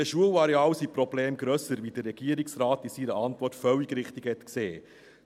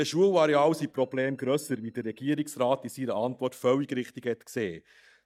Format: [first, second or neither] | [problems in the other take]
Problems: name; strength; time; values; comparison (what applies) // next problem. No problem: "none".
first | noise reduction (neural mask model DeepFilterNet 3)